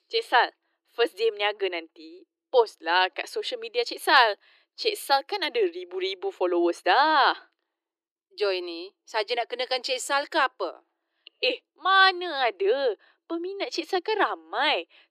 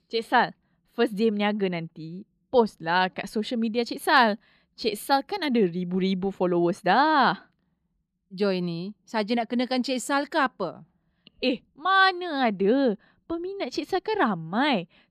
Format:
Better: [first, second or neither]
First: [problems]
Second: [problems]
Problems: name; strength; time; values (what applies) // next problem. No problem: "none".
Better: second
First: thin; very; fading below 350 Hz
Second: none